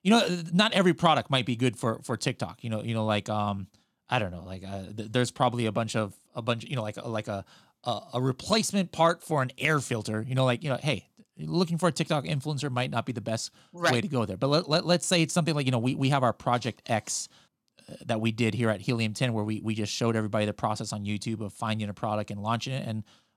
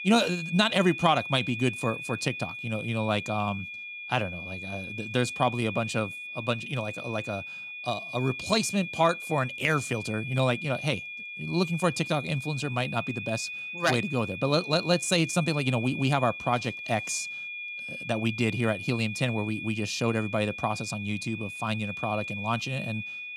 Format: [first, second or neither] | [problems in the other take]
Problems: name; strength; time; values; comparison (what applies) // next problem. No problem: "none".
first | high-pitched whine; loud; throughout; 2.5 kHz, 7 dB below the speech